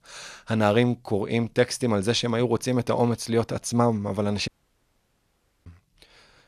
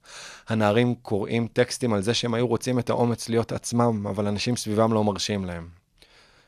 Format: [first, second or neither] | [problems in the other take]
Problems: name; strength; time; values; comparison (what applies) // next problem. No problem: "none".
second | audio cutting out; at 4.5 s for 1 s